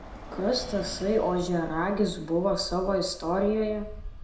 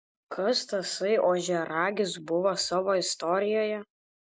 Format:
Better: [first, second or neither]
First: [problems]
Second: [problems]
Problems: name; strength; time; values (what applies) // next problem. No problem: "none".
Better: second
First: background sound (Bus); 13 dB below the speech // room echo; dies away in 0.5 s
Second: none